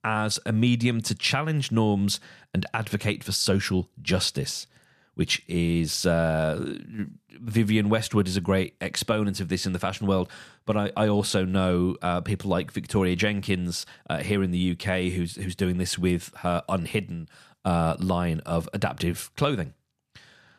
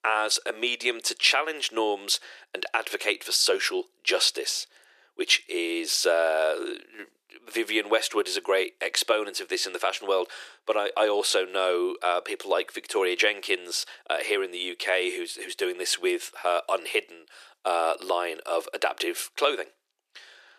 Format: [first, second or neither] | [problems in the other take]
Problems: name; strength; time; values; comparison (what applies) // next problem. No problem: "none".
first | thin; very; fading below 350 Hz